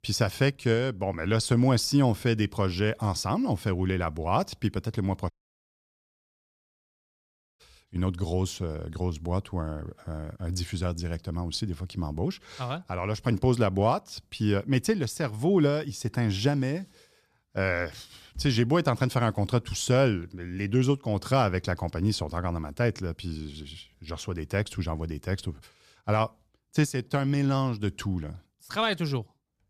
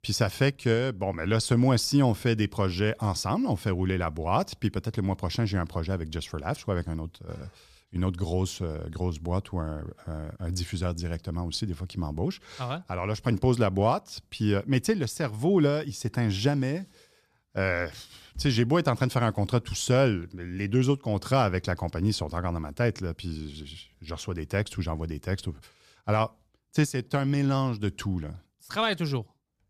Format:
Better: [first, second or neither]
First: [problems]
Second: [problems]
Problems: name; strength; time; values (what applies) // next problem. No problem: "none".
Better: second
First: audio cutting out; at 5.5 s for 2.5 s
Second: none